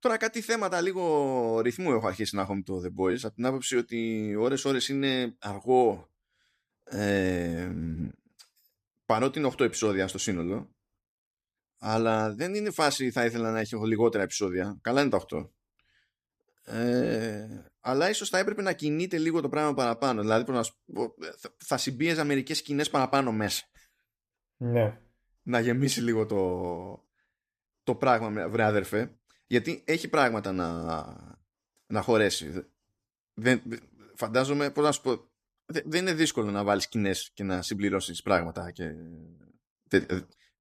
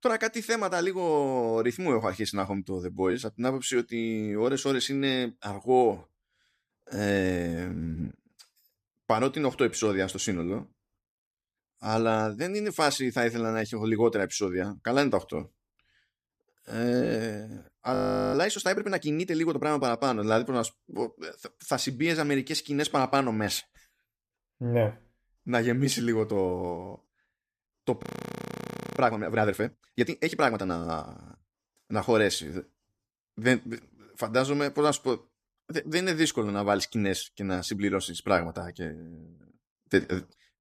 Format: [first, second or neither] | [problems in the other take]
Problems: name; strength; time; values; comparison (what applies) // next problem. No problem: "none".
first | audio freezing; at 18 s and at 28 s for 1 s